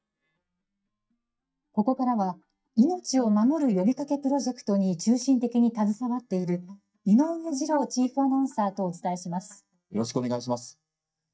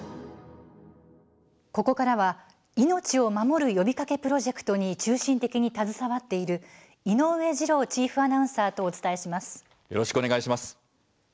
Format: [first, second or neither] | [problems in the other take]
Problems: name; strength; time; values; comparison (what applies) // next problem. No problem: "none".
second | noise reduction (neural mask model DeepFilterNet 3)